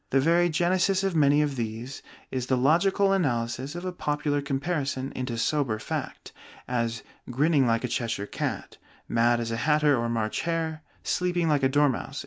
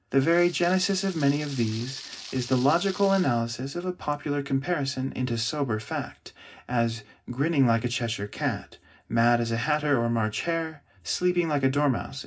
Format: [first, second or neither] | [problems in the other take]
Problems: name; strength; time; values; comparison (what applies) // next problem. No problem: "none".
first | background sound (Rain); 16 dB below the speech // room echo; dies away in 0.4 s